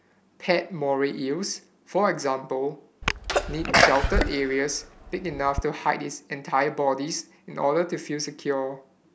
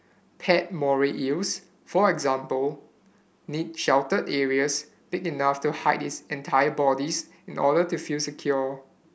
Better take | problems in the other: second | background sound (Sneeze); 2 dB above the speech

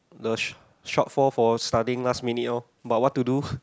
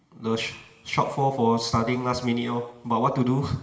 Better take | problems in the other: first | room echo; dies away in 1.5 s

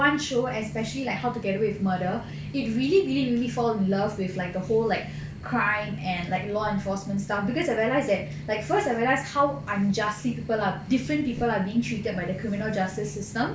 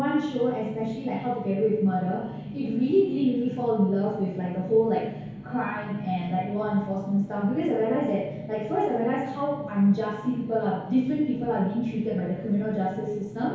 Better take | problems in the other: first | room echo; dies away in 2.2 s

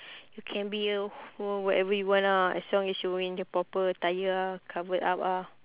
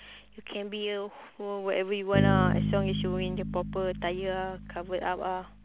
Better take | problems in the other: first | background sound (Bass guitar); as loud as the speech

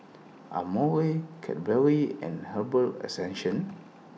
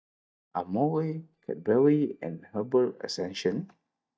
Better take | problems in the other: first | noise reduction (neural mask model DeepFilterNet 3)

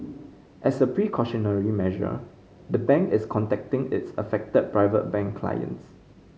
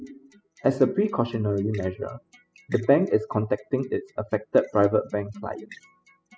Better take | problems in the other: first | noise reduction (classical method spectral subtraction)

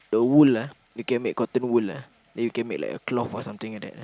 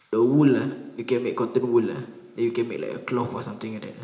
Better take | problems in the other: first | room echo; dies away in 0.8 s

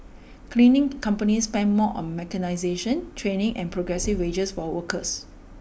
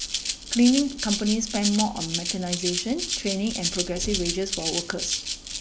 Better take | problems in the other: first | background sound (Rattle (instrument)); 4 dB below the speech

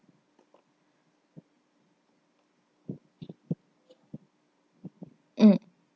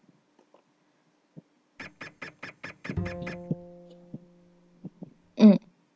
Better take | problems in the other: first | background sound (Bowed string instrument + Printer); 12 dB below the speech

